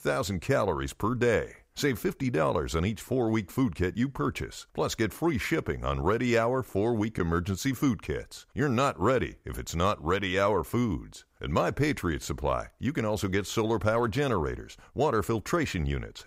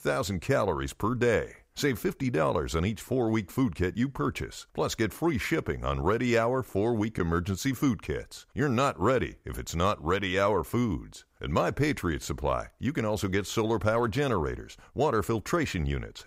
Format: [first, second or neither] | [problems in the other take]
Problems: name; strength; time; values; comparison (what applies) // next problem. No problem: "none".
neither | none